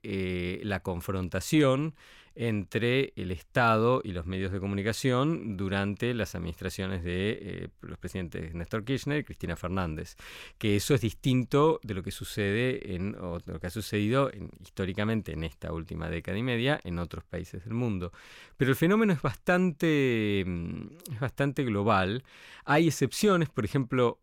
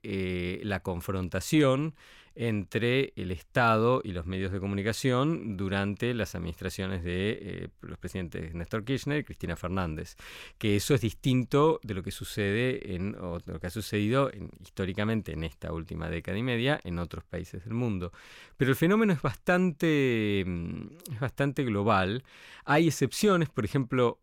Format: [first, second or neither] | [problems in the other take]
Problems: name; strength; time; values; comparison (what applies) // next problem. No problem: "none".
neither | none